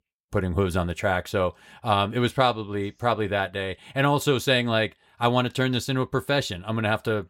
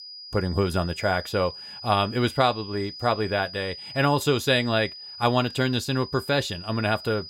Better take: first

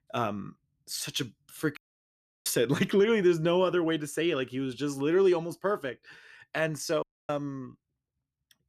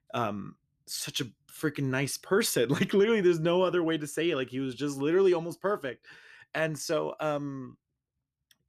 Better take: second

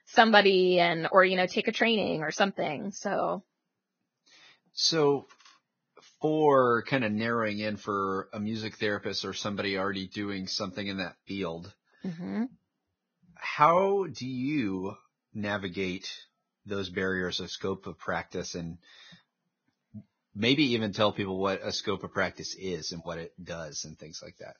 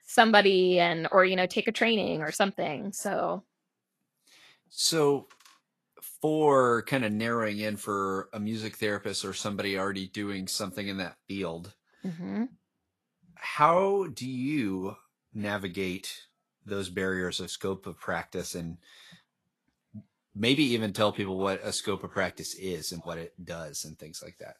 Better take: second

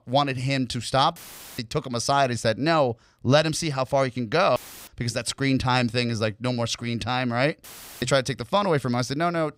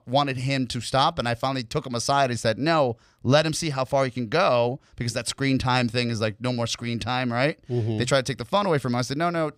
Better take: second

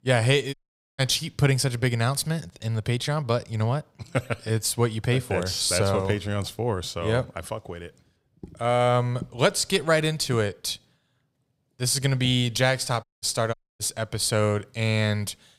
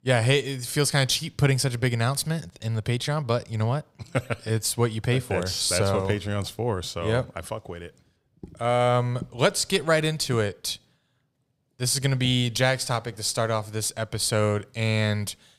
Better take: second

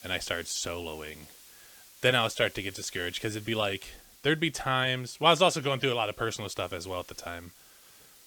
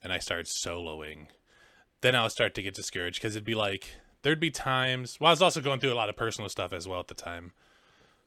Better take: second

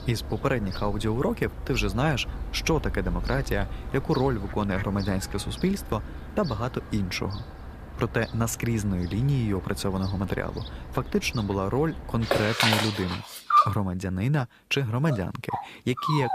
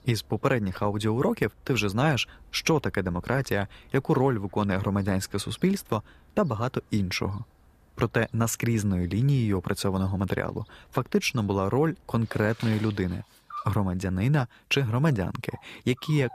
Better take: second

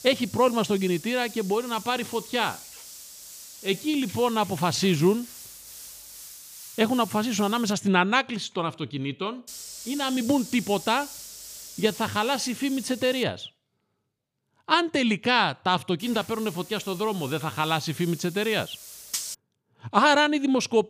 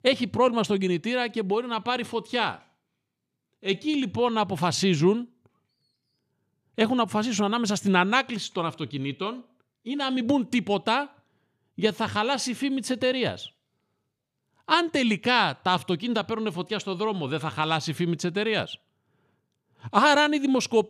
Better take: second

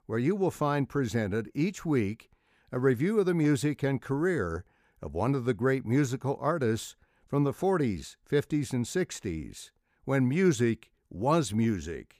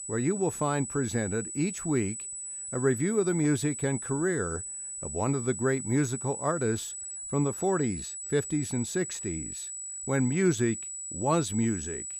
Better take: first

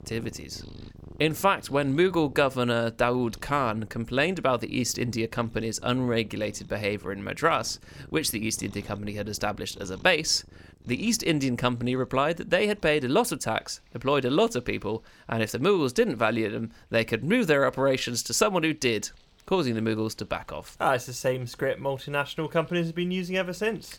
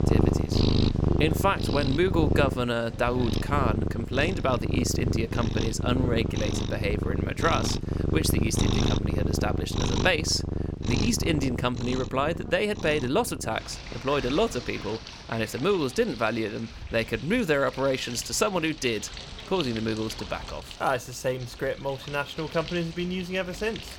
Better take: first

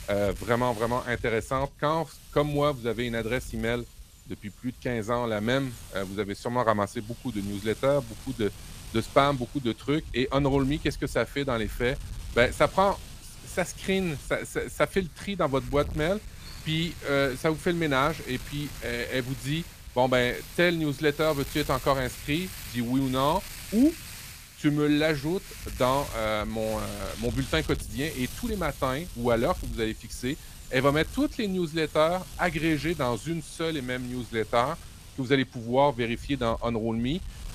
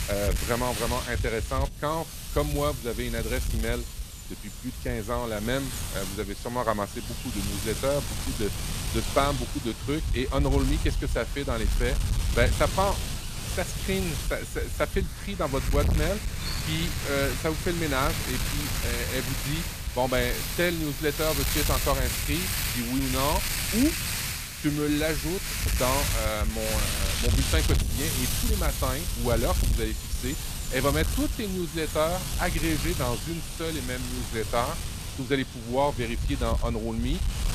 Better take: first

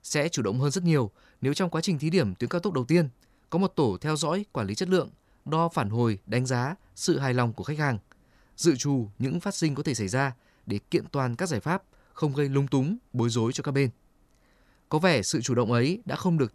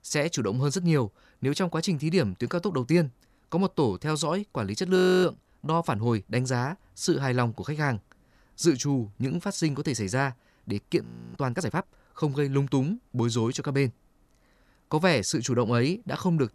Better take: first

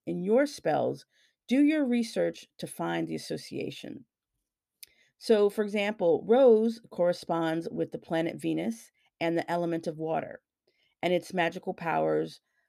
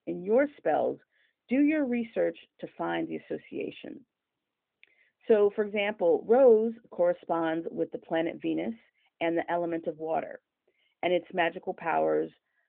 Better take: first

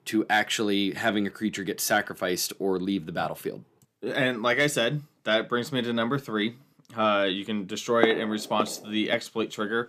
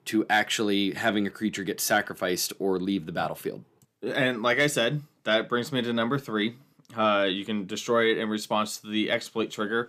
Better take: second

